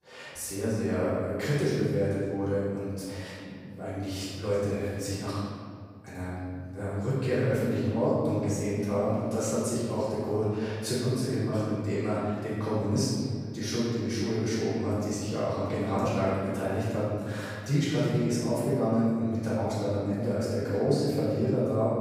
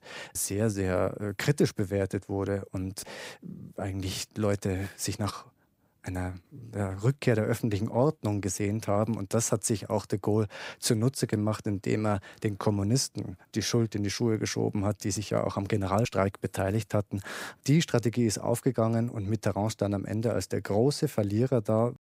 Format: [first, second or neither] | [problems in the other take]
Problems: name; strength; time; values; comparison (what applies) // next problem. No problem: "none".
second | off-mic speech; far // room echo; strong; dies away in 1.8 s